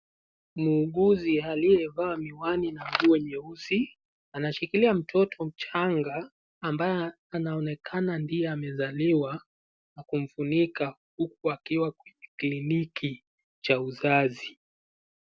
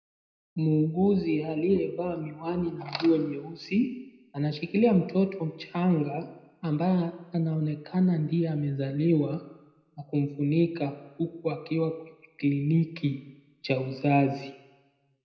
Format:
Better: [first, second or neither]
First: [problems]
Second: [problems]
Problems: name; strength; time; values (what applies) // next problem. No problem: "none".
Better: first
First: none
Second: room echo; dies away in 0.8 s